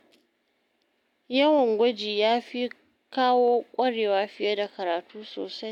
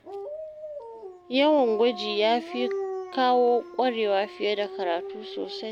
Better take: first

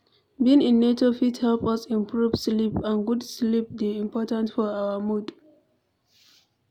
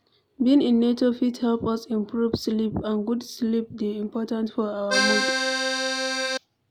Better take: first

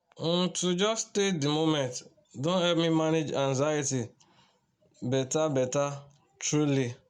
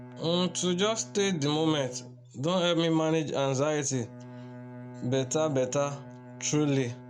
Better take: first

